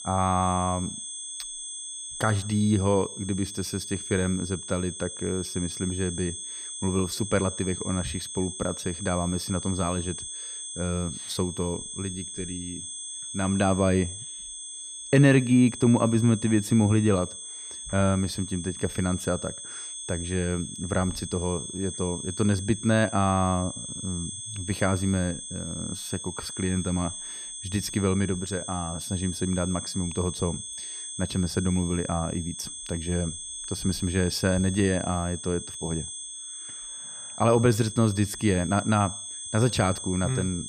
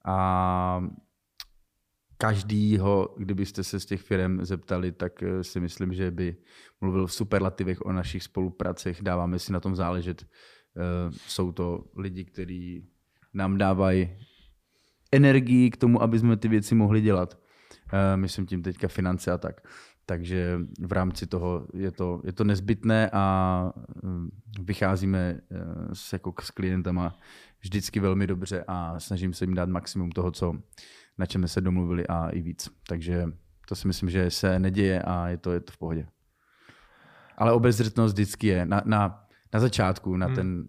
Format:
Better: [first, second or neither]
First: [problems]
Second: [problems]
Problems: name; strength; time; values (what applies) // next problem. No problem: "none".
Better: second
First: high-pitched whine; loud; throughout; 8 kHz, 8 dB below the speech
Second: none